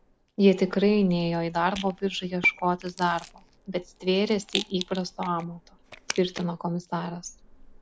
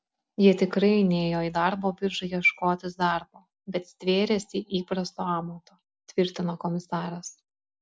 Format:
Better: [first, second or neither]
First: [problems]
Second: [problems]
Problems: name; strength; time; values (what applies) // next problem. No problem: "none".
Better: second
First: background sound (Rattle); 15 dB below the speech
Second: none